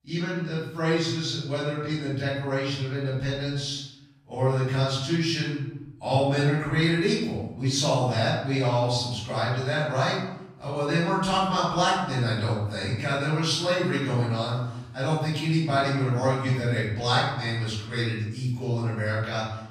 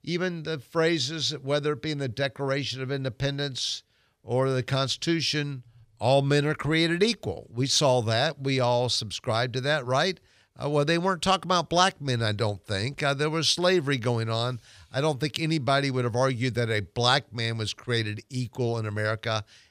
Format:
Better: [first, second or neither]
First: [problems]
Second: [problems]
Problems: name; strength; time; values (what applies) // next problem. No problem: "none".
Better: second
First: off-mic speech; far // room echo; noticeable; dies away in 0.9 s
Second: none